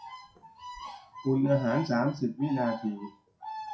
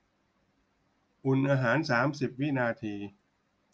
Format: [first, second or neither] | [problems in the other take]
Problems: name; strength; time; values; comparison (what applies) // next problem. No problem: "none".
second | noise reduction (classical method WPE with log-MMSE)